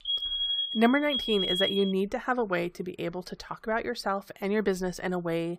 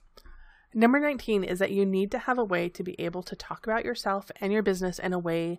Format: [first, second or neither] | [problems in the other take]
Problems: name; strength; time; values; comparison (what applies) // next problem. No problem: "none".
second | alarm; loud; until 2 s; peak 3 dB above the speech